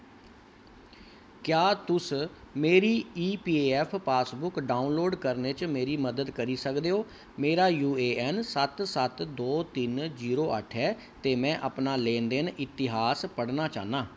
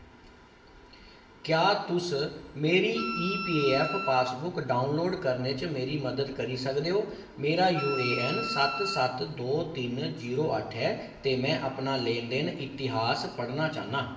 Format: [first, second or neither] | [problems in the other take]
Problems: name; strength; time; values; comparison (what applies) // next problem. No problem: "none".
first | background sound (Wind instrument, woodwind instrument); 7 dB below the speech // room echo; dies away in 0.9 s